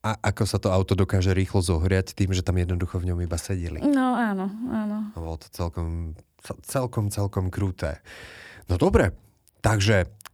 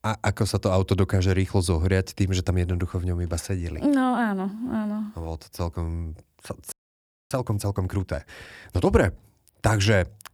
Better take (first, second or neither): first